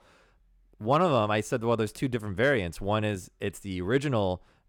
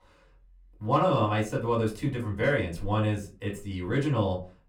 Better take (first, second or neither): first